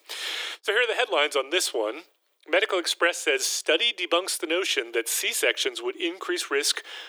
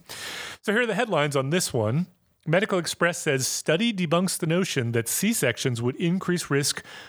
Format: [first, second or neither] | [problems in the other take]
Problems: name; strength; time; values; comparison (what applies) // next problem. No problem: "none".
second | thin; very; fading below 300 Hz